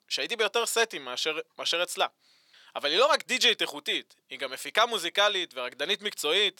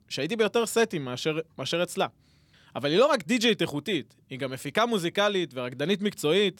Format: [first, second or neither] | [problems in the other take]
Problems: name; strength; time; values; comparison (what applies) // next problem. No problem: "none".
second | thin; very; fading below 650 Hz